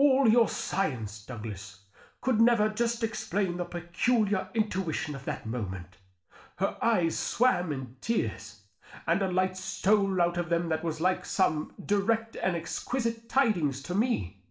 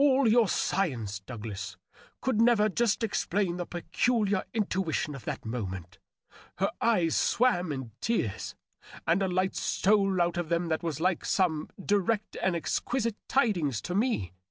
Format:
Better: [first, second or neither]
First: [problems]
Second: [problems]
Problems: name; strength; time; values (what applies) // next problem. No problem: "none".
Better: second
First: room echo; dies away in 0.4 s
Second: none